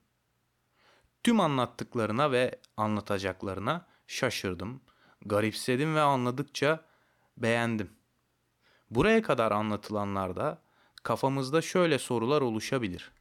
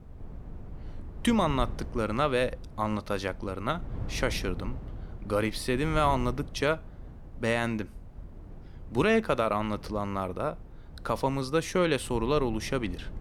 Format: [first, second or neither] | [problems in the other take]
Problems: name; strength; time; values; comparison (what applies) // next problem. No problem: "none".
first | wind noise on the microphone; occasional gusts; 25 dB below the speech